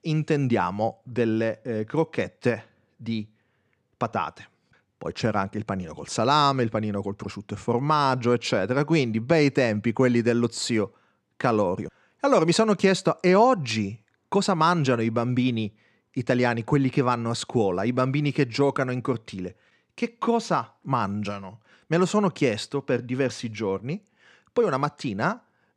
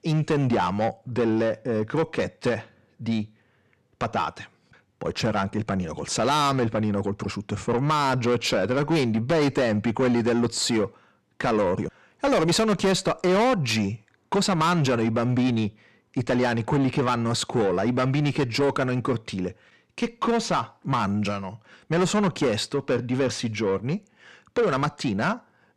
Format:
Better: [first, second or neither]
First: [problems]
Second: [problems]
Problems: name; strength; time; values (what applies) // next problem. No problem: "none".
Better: first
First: none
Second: distortion; heavy; 7 dB below the speech